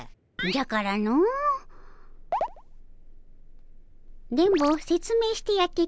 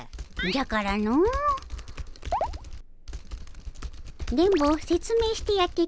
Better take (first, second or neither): first